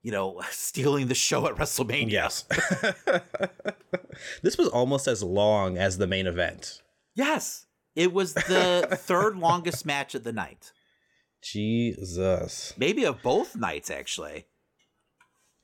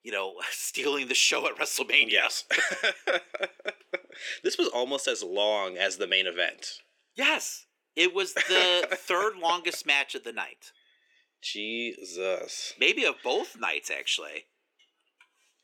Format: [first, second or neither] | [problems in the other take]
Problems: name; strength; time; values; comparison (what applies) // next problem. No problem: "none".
first | thin; somewhat; fading below 350 Hz